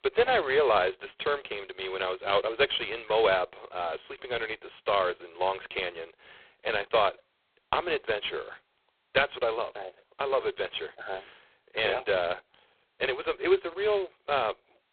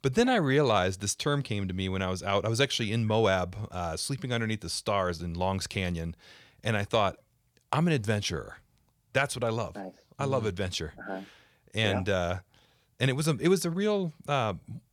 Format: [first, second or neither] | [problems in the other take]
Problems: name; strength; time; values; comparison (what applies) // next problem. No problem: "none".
second | phone-call audio; poor line; nothing above 3.5 kHz